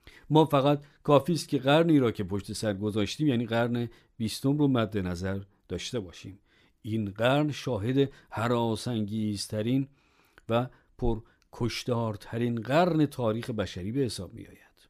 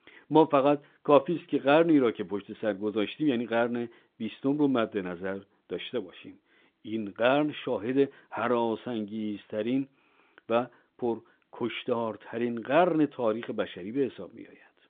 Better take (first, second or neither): first